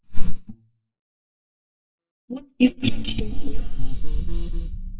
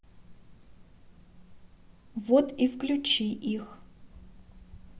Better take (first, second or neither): second